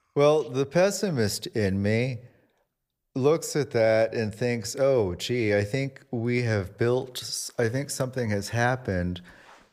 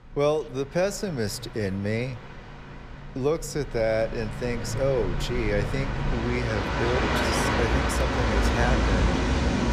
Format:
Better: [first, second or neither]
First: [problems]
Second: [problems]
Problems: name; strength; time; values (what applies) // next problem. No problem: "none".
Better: first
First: none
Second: train or aircraft noise; very loud; throughout; 2 dB above the speech